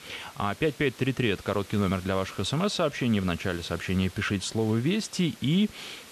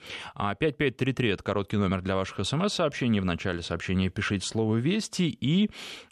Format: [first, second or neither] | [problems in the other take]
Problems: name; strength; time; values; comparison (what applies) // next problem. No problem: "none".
second | hiss; noticeable; throughout; 20 dB below the speech